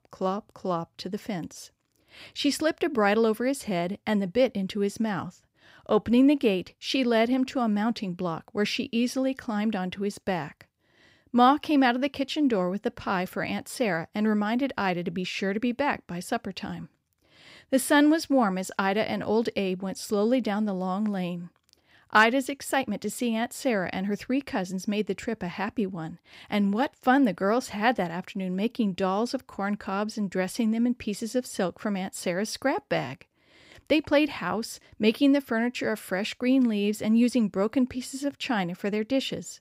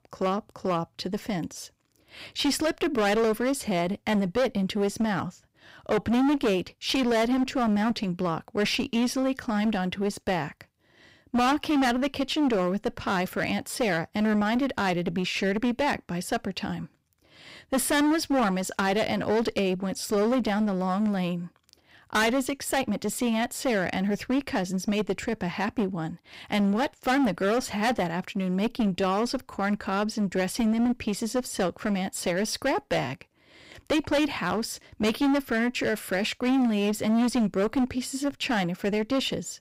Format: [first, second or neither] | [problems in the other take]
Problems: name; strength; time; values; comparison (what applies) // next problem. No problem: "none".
first | distortion; heavy; 15% of the sound clipped